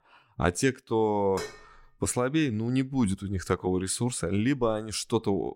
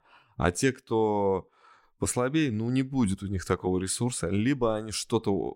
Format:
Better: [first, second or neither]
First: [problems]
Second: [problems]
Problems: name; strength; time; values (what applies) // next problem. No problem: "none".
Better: second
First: clattering dishes; faint; at 1.5 s; peak 10 dB below the speech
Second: none